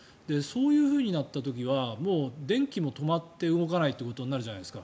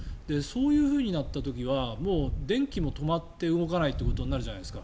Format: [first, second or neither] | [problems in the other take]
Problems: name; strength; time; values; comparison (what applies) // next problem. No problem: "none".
first | background sound (Wind); 7 dB below the speech